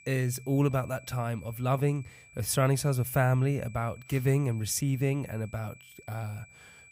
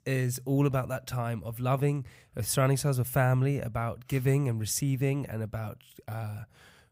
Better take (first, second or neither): second